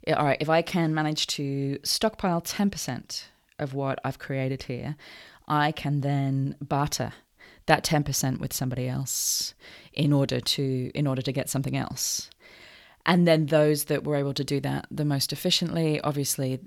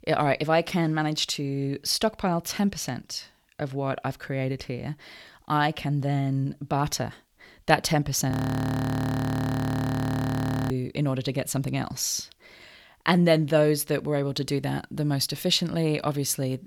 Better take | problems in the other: first | audio freezing; at 8.5 s for 2.5 s

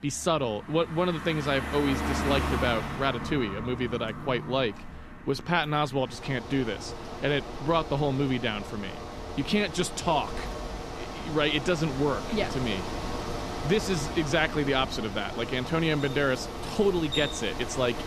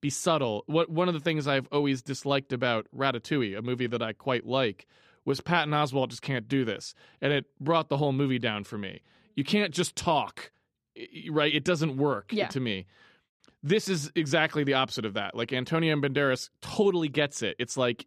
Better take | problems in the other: second | traffic noise; loud; throughout; 7 dB below the speech

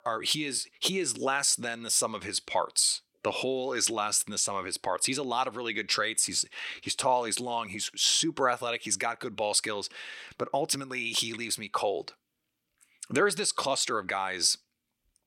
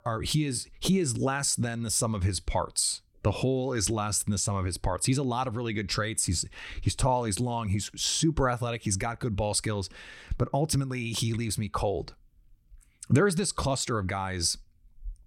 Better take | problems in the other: second | thin; somewhat; fading below 400 Hz

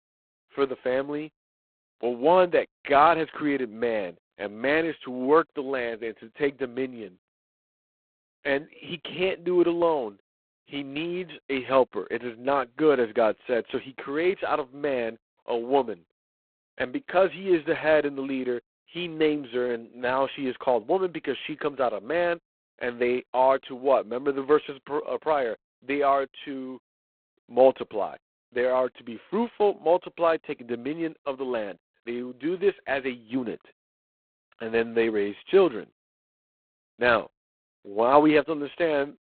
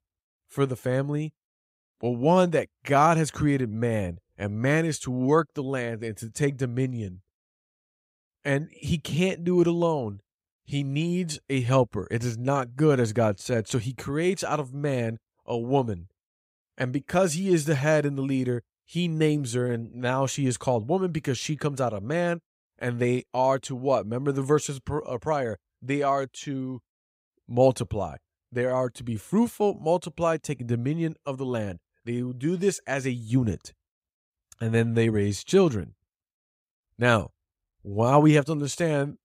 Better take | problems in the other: second | phone-call audio; poor line; nothing above 4 kHz

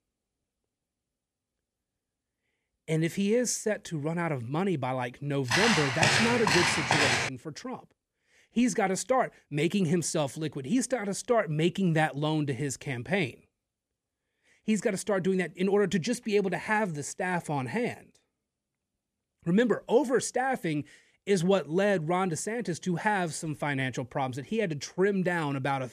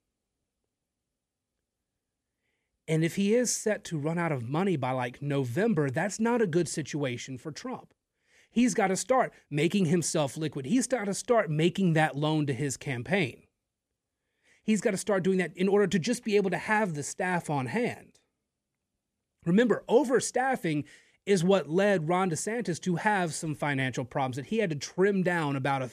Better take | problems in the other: second | footsteps; loud; from 5.5 to 7.5 s; peak 6 dB above the speech

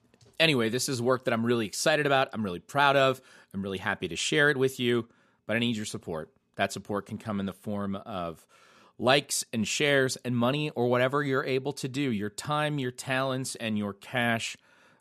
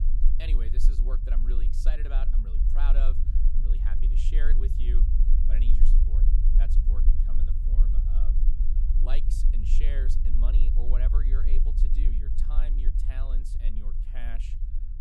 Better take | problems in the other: first | low rumble; loud; throughout; 4 dB below the speech

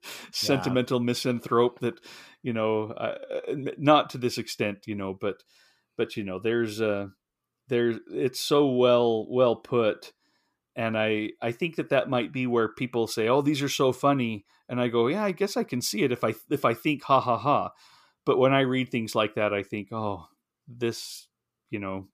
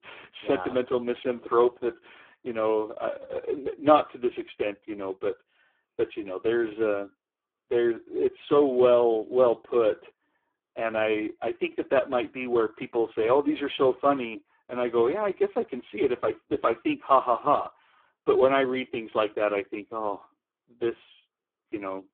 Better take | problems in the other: first | phone-call audio; poor line

